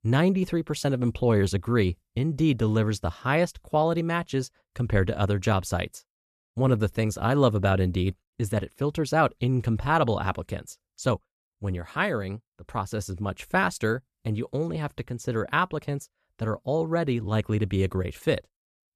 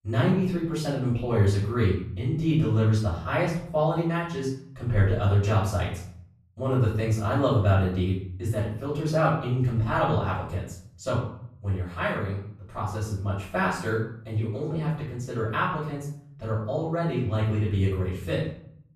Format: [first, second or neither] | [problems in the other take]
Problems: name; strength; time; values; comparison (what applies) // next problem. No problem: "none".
first | off-mic speech; far // room echo; noticeable; dies away in 0.6 s